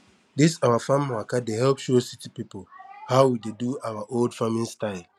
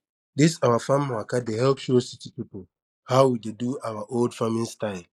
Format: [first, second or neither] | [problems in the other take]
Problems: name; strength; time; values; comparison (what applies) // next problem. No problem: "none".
first | noise reduction (neural mask model Resemble Enhance denoiser)